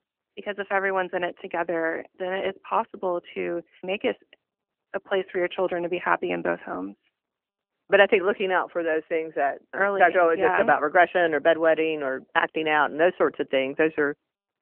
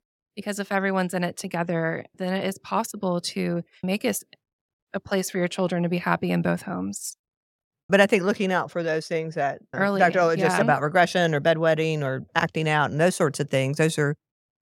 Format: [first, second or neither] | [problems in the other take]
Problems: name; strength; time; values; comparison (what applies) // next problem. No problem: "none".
second | phone-call audio; nothing above 3 kHz